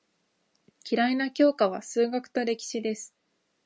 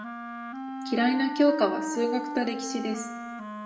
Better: first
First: none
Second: background sound (Wind instrument, woodwind instrument); 6 dB below the speech // room echo; dies away in 0.8 s

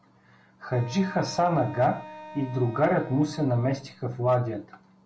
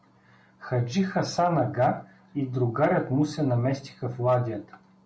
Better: second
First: background sound (Wind instrument, woodwind instrument); 17 dB below the speech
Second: none

